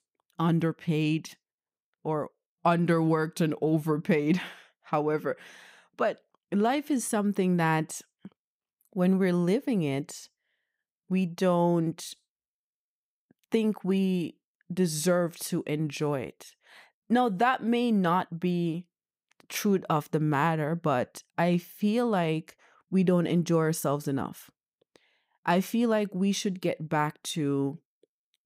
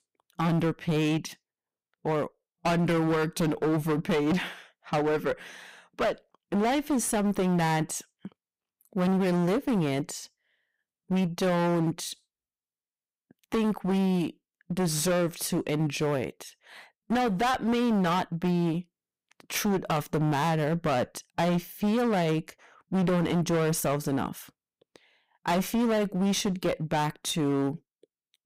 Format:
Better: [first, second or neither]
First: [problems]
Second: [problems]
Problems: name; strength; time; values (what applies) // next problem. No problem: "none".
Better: first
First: none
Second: distortion; heavy; 21% of the sound clipped